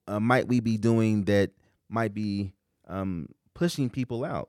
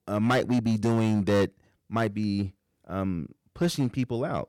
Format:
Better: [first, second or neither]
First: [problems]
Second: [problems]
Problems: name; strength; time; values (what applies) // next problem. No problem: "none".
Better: first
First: none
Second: distortion; slight; 7% of the sound clipped